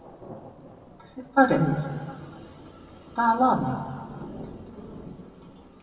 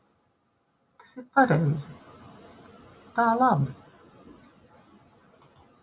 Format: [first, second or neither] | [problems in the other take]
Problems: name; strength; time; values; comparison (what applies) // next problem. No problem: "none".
second | background sound (Thunder / Rain); 17 dB below the speech // room echo; dies away in 1.7 s